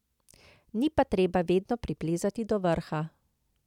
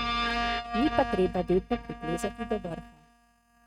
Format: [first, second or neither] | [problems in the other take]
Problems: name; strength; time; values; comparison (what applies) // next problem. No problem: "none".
first | noise reduction (neural mask model RNNoise)